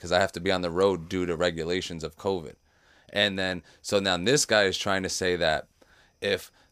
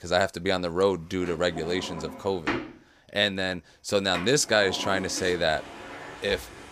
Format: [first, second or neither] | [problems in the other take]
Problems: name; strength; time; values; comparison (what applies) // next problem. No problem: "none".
first | household noises; noticeable; throughout; 10 dB below the speech